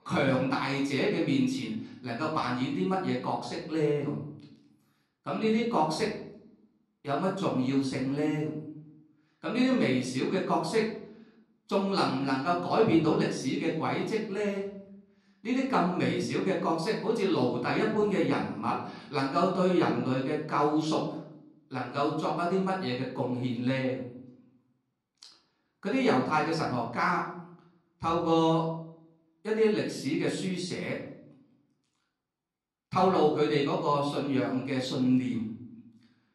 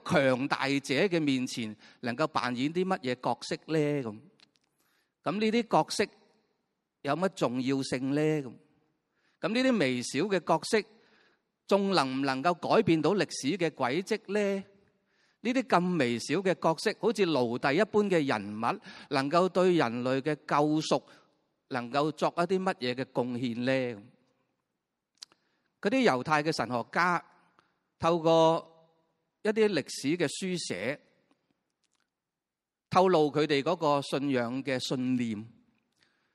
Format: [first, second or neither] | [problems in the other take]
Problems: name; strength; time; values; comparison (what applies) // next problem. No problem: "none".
second | off-mic speech; far // room echo; noticeable; dies away in 0.7 s